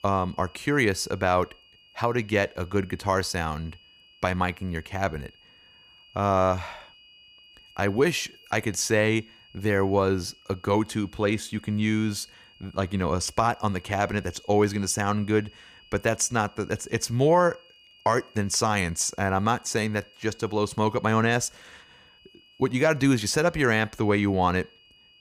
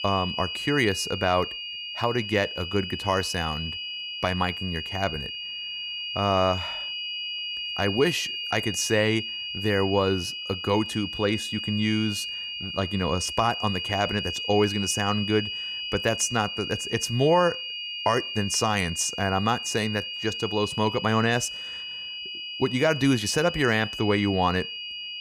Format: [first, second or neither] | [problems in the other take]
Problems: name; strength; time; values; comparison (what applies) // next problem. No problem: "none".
first | high-pitched whine; loud; throughout; 3 kHz, 5 dB below the speech; faint in the first